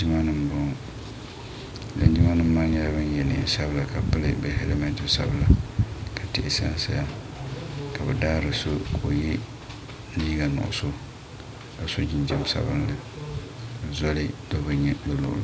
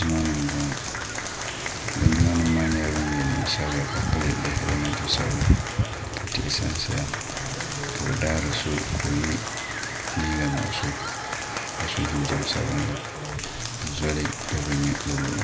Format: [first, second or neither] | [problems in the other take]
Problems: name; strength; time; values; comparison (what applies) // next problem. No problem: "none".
first | background sound (Applause / Crowd); 6 dB below the speech